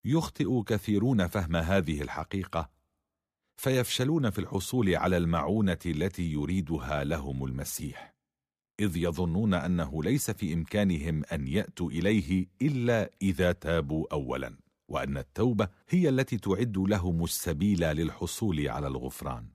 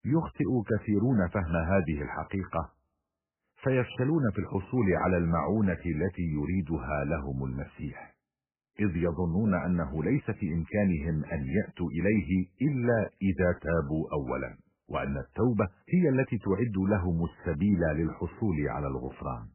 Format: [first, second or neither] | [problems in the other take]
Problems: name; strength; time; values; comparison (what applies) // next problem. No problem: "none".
first | garbled, watery; badly; nothing above 2.5 kHz